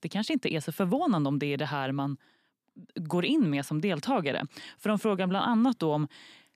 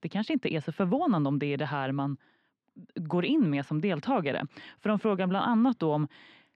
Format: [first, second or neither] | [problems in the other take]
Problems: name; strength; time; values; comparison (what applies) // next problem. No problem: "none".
first | muffled; slightly; fading above 3 kHz